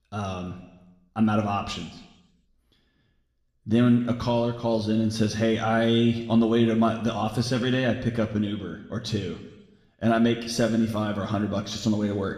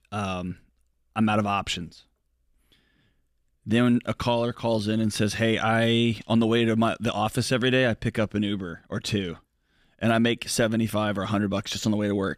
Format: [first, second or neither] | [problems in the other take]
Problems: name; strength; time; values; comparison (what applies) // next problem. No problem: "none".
second | room echo; slight; dies away in 0.9 s